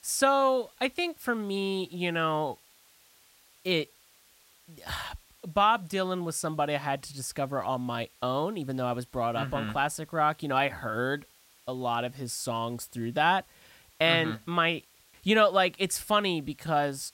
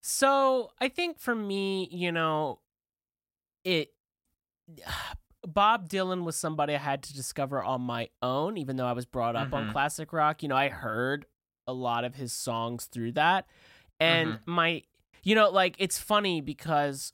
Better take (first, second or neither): second